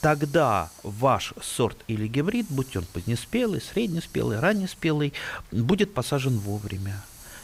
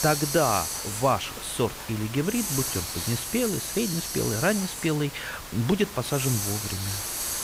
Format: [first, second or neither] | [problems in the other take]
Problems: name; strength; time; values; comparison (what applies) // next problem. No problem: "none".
first | hiss; loud; throughout; 3 dB below the speech; faint in the first